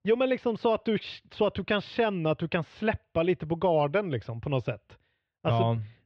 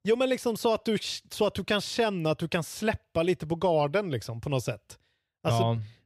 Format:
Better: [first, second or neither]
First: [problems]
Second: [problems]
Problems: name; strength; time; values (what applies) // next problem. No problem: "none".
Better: second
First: muffled; slightly; fading above 3 kHz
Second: none